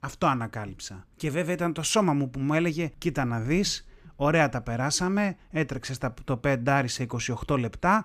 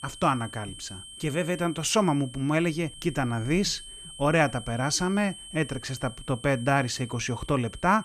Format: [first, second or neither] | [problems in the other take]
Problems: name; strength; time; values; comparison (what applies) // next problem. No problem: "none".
first | high-pitched whine; noticeable; throughout; 3 kHz, 15 dB below the speech